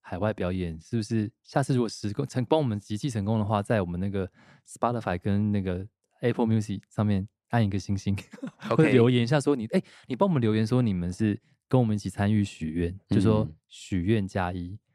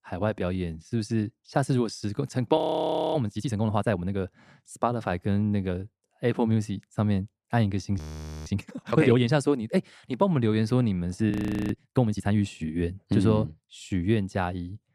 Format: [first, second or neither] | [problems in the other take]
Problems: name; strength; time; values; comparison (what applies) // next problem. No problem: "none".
first | audio freezing; at 2.5 s for 0.5 s, at 8 s and at 11 s